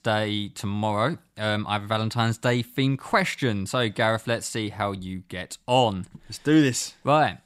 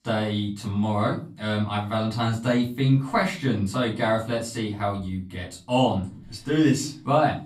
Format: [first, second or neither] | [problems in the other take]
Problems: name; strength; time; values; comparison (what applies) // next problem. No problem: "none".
first | off-mic speech; far // room echo; slight; dies away in 0.3 s